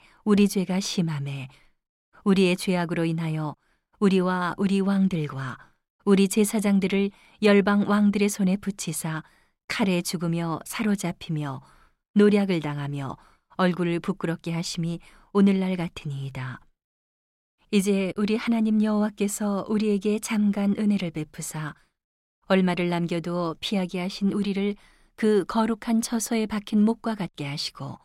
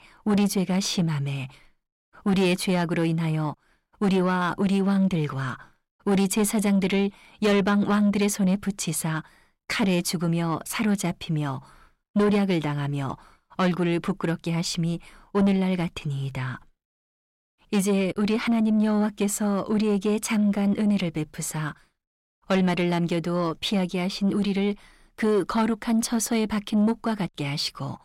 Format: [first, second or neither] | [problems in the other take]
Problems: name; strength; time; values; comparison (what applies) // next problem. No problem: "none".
first | distortion; slight; 10 dB below the speech